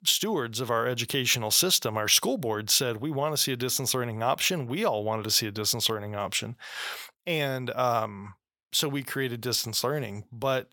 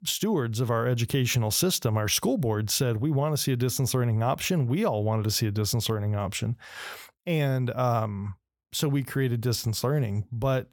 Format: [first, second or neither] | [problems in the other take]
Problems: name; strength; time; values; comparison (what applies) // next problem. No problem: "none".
second | thin; somewhat; fading below 550 Hz